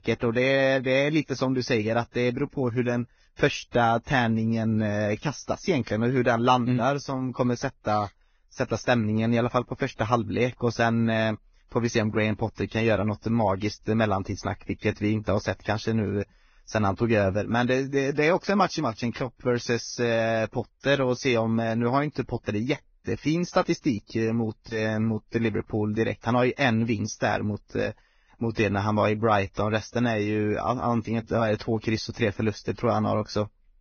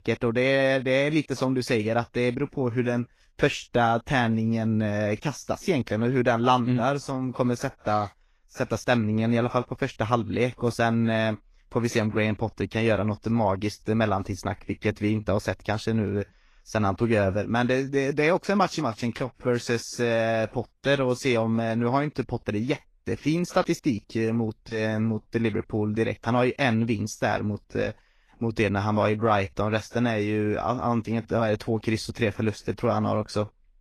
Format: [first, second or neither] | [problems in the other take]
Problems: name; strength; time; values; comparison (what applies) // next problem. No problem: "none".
second | garbled, watery; badly; nothing above 6.5 kHz; slightly in the second